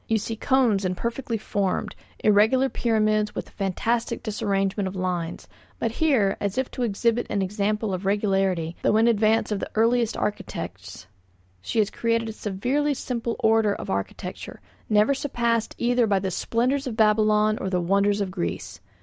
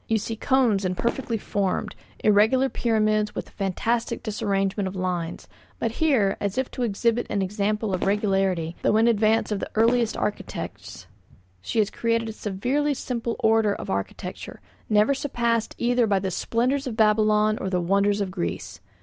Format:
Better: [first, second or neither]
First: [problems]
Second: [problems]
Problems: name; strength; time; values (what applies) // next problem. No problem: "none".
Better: first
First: none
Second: background sound (Fireworks); 13 dB below the speech